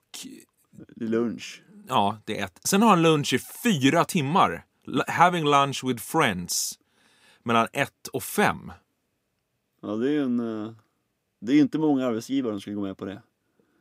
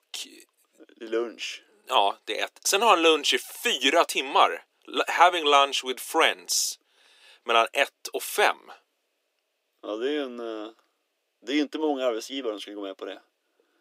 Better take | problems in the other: first | thin; somewhat; fading below 350 Hz

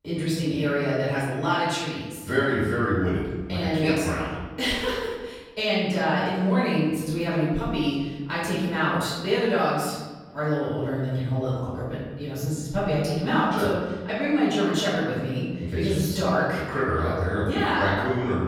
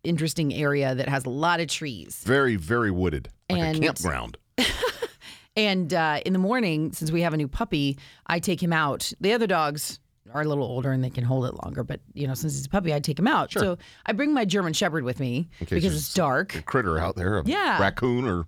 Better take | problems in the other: second | off-mic speech; far // room echo; strong; dies away in 1.2 s

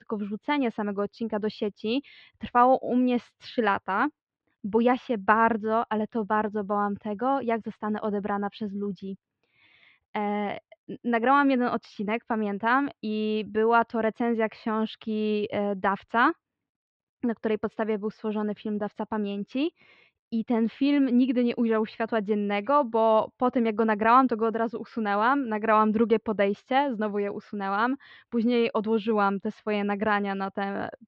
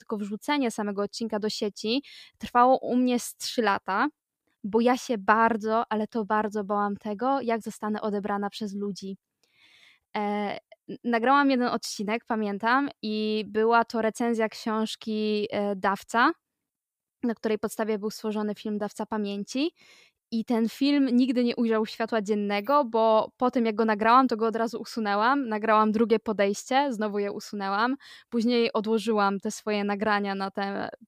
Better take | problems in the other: second | muffled; slightly; fading above 3 kHz

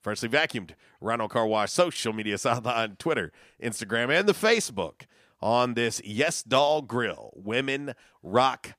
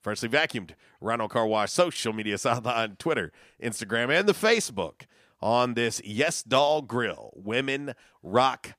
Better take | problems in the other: neither | none

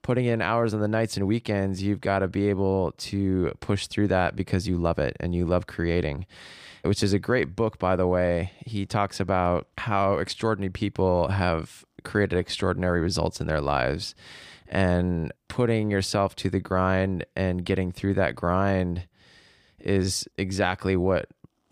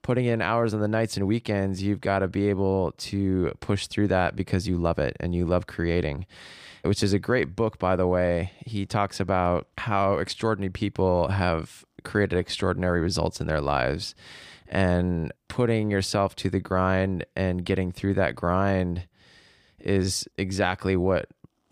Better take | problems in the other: neither | none

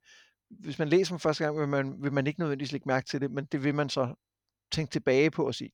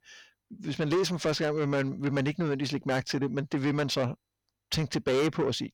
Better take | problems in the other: first | distortion; heavy; 8 dB below the speech

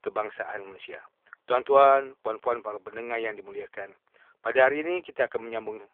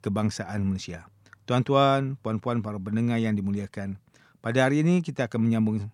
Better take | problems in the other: second | phone-call audio; poor line; nothing above 3.5 kHz

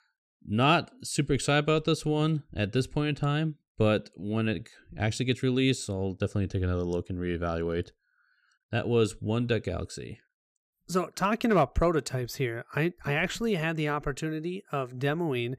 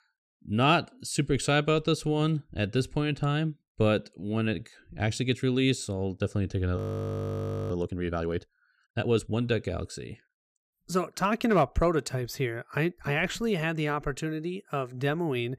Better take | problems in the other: first | audio freezing; at 7 s for 1 s

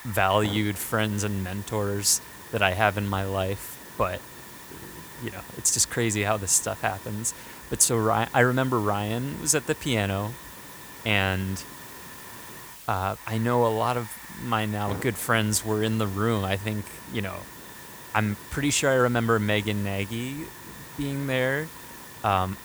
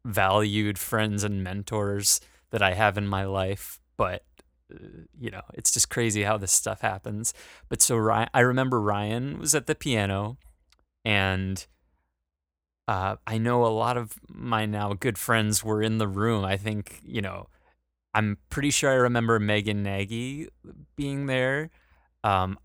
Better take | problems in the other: second | hiss; noticeable; throughout; 15 dB below the speech

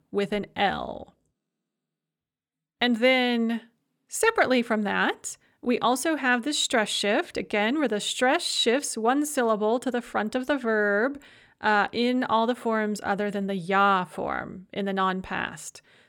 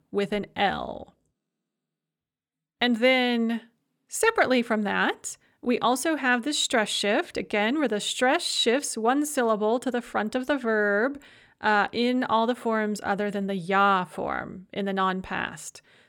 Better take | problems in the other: neither | none

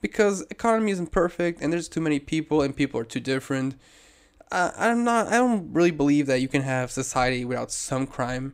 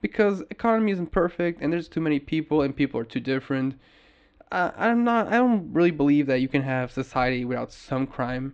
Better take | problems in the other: first | muffled; slightly; fading above 4 kHz

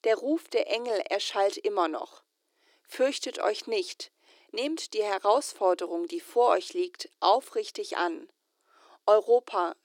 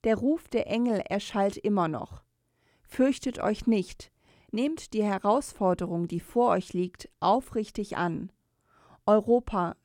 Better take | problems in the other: second | thin; very; fading below 300 Hz

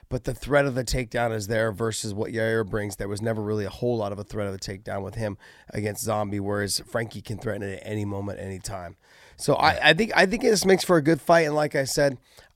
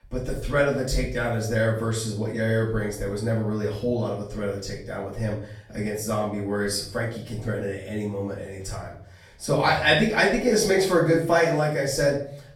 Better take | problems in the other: first | off-mic speech; far // room echo; noticeable; dies away in 0.4 s

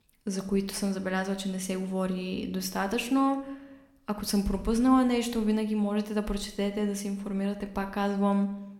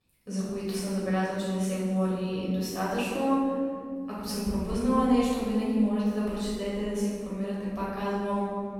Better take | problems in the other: first | room echo; strong; dies away in 2.2 s; slight in the first // off-mic speech; far

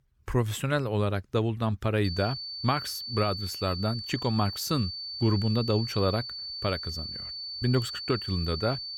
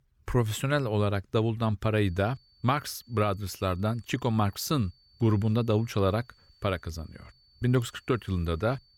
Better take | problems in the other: second | high-pitched whine; loud; from 2 s on; 4.5 kHz, 6 dB below the speech; faint in the second

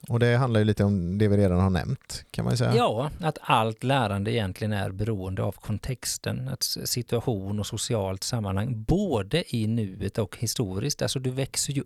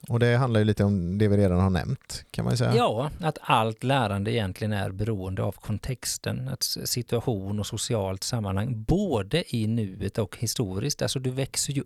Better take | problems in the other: neither | none

